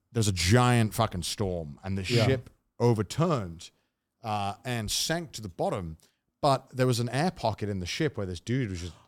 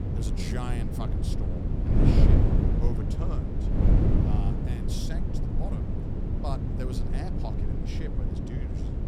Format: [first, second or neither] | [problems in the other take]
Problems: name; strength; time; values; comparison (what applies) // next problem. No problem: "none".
first | wind noise on the microphone; heavy; 4 dB above the speech